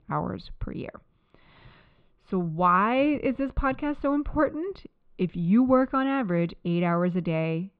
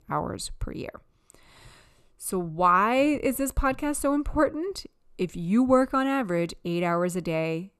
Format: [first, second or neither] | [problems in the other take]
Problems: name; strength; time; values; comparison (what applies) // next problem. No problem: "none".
second | muffled; slightly; fading above 3.5 kHz